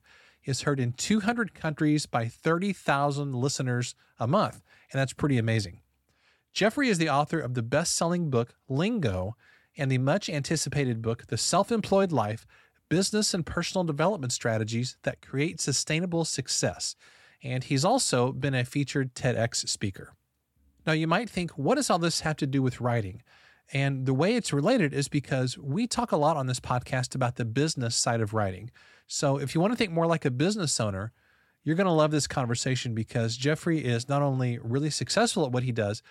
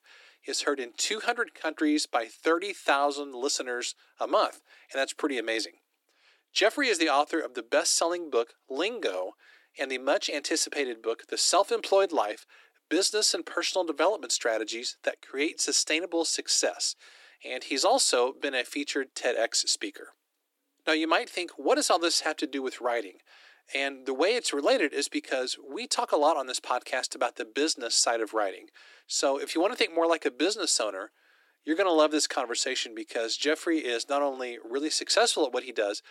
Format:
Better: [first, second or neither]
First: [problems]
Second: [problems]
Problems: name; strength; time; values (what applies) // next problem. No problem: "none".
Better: first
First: none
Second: thin; somewhat; fading below 300 Hz